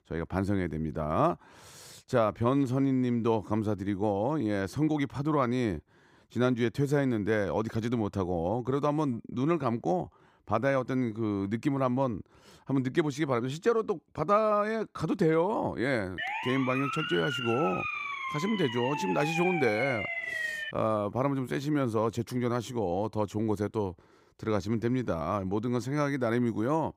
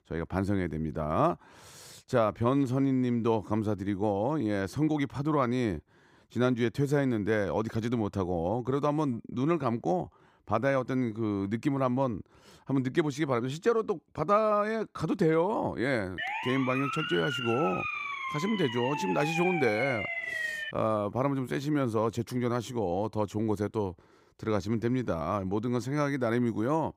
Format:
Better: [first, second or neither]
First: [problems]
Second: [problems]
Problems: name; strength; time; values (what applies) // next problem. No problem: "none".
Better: neither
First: siren; noticeable; from 16 to 21 s; peak 2 dB below the speech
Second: siren; noticeable; from 16 to 21 s; peak 2 dB below the speech